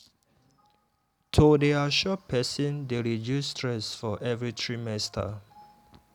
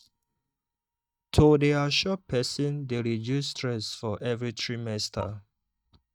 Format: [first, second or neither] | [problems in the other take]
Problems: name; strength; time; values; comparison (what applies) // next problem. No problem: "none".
first | noise reduction (neural mask model DeepFilterNet 3)